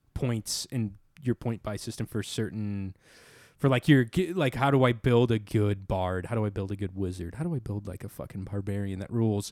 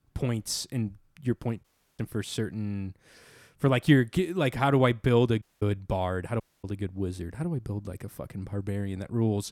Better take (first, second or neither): first